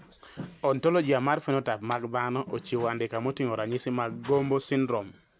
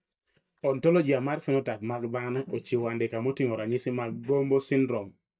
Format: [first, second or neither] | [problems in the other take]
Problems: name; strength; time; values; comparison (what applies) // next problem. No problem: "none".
first | noise reduction (neural mask model DeepFilterNet 3)